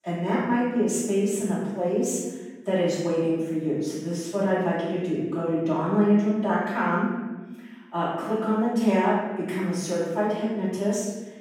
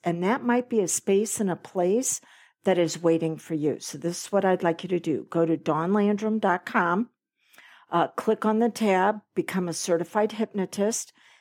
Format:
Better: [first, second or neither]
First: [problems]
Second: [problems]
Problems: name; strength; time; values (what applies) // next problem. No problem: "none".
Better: second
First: off-mic speech; far // room echo; strong; dies away in 1.1 s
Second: none